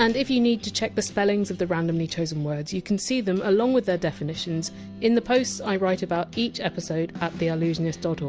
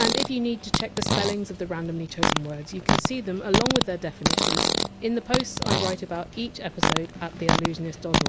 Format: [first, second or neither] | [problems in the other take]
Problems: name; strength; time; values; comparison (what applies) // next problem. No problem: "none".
first | background sound (Fart); 3 dB above the speech